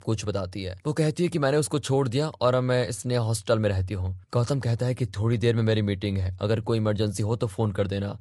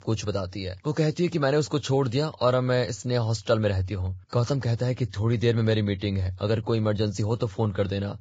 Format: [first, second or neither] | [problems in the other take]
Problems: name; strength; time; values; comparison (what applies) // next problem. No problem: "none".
first | garbled, watery; badly; nothing above 7.5 kHz; slightly in the first